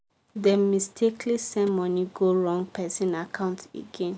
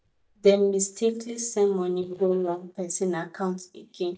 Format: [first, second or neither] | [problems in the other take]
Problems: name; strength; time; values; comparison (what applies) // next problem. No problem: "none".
first | noise reduction (neural mask model DeepFilterNet 3)